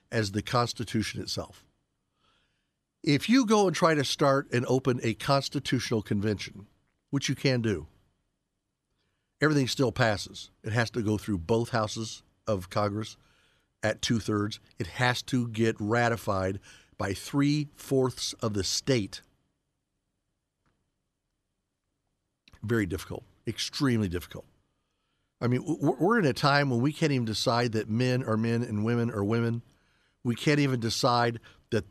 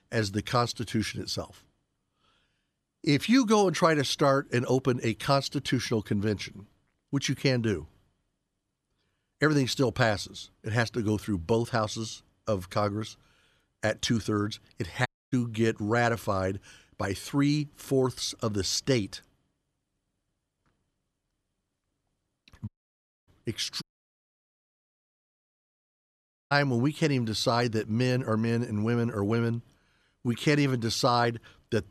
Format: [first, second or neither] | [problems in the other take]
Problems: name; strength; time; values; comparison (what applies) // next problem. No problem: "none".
first | audio cutting out; at 15 s, at 23 s for 0.5 s and at 24 s for 2.5 s